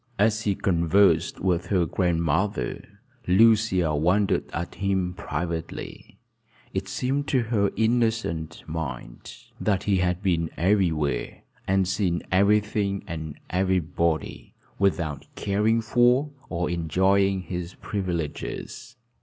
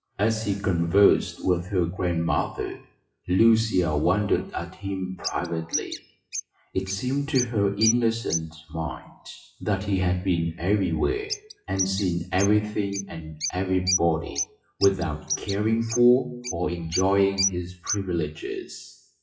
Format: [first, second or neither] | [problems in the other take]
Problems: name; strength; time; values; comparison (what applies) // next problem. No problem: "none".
first | noise reduction (classical method WPE with log-MMSE)